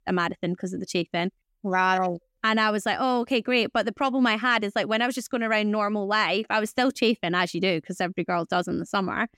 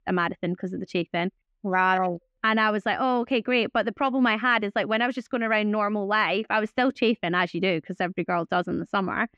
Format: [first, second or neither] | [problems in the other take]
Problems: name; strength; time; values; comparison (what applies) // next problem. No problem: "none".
first | muffled; slightly; fading above 2.5 kHz